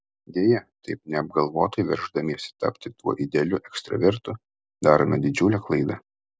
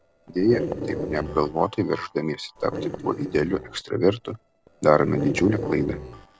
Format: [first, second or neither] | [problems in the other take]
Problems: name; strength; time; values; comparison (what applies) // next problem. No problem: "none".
first | noise reduction (neural separator model SepFormer DNS4)